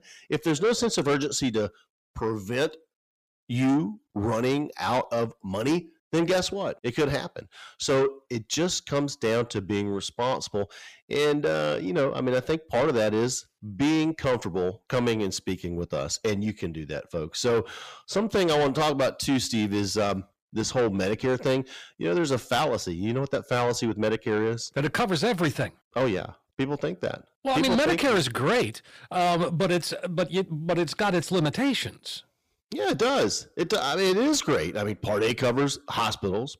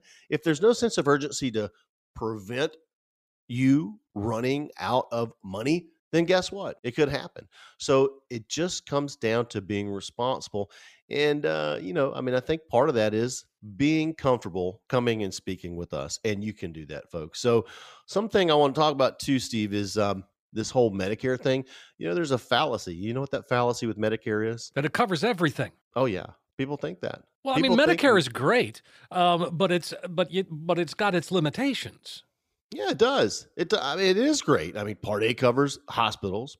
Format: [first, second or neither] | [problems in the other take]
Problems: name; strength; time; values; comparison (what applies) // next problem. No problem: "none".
second | distortion; heavy; 8 dB below the speech